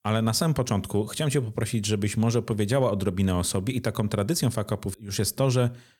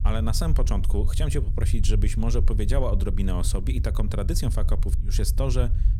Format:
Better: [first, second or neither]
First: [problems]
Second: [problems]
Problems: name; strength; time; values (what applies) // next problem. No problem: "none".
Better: first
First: none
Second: low rumble; noticeable; throughout; 10 dB below the speech